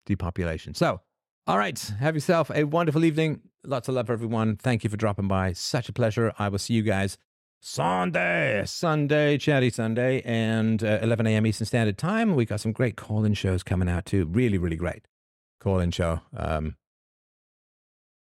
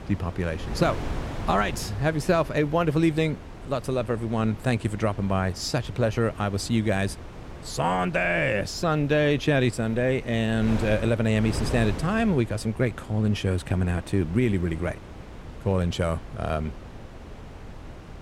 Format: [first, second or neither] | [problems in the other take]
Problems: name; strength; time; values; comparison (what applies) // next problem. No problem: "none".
first | wind noise on the microphone; occasional gusts; 15 dB below the speech